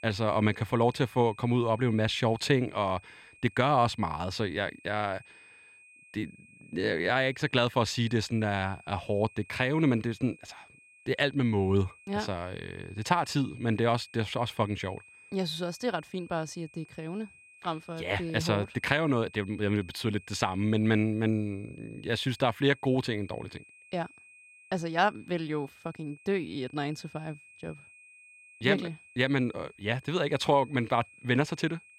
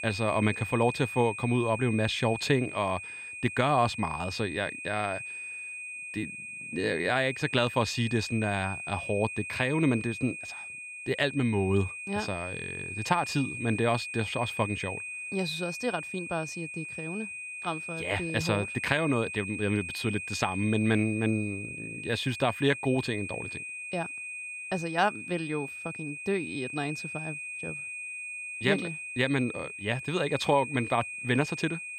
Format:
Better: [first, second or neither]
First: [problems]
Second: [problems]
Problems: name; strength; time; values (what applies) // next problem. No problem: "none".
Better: first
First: high-pitched whine; faint; throughout; 2.5 kHz, 25 dB below the speech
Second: high-pitched whine; loud; throughout; 2.5 kHz, 7 dB below the speech